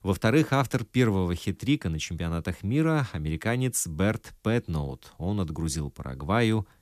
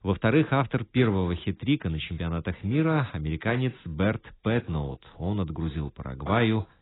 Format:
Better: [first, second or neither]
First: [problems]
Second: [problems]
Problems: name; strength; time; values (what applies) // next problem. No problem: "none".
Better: first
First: none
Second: garbled, watery; badly; nothing above 4 kHz